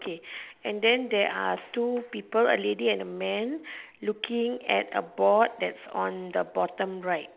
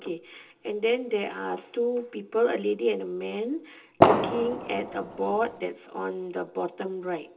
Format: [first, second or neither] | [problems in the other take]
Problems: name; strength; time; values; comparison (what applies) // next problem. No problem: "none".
first | background sound (Fireworks); 4 dB above the speech // room echo; dies away in 0.2 s